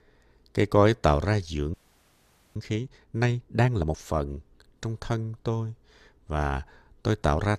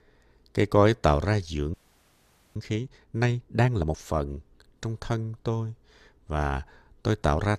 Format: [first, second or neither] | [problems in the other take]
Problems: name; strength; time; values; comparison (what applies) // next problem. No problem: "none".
neither | audio freezing; at 1.5 s for 1 s; the same in both